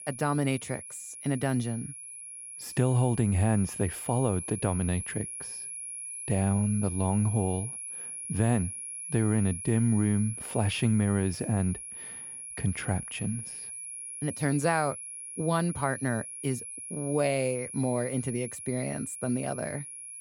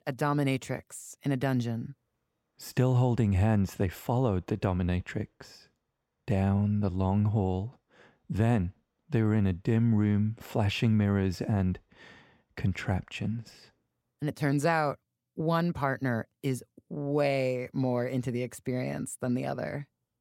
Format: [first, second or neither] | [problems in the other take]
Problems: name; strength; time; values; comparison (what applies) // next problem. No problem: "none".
second | high-pitched whine; loud; throughout; 10.5 kHz, 8 dB below the speech